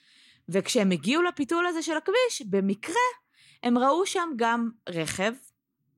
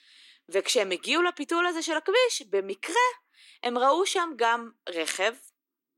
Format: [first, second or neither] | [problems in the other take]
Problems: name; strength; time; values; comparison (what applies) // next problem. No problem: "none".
first | thin; somewhat; fading below 350 Hz